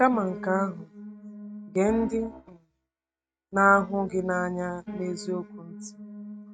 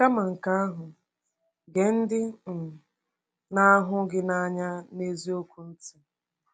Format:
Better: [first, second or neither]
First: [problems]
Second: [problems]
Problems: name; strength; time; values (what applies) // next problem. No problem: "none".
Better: second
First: noise reduction (neural mask model RNNoise)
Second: none